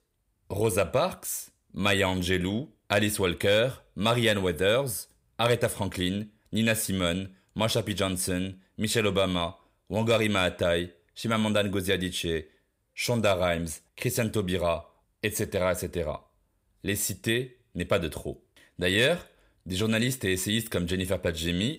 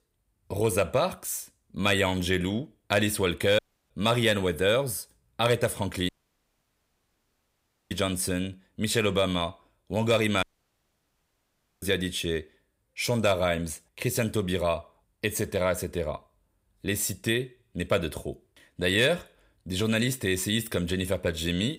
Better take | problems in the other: first | audio cutting out; at 3.5 s, at 6 s for 2 s and at 10 s for 1.5 s

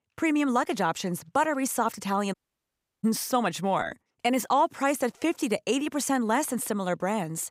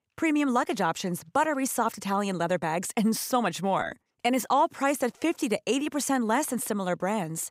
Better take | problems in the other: second | audio cutting out; at 2.5 s for 0.5 s

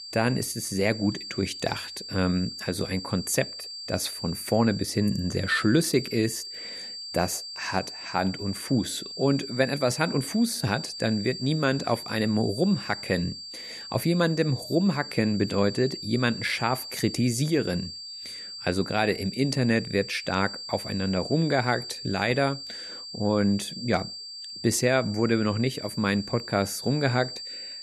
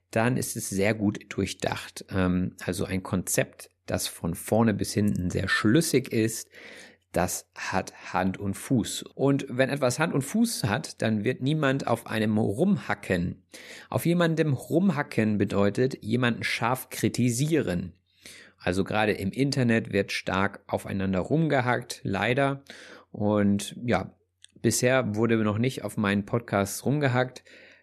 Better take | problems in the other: second | high-pitched whine; loud; throughout; 4.5 kHz, 9 dB below the speech

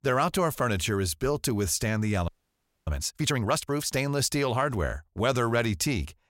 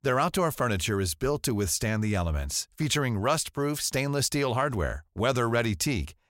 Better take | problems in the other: second | audio freezing; at 2.5 s for 0.5 s

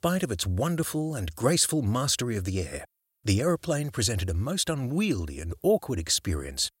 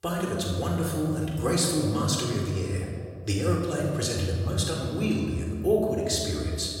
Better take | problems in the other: first | off-mic speech; somewhat distant // room echo; noticeable; dies away in 2 s

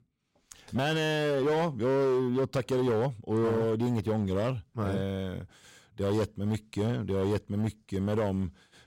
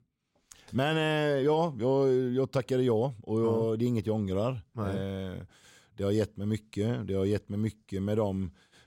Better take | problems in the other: second | distortion; slight; 13% of the sound clipped

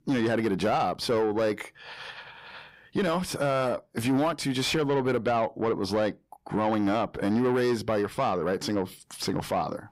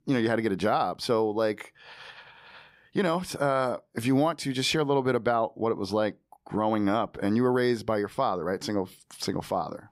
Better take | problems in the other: second | distortion; slight; 10 dB below the speech

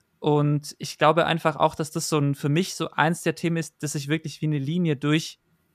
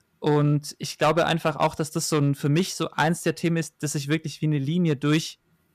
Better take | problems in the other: first | distortion; slight; 3% of the sound clipped

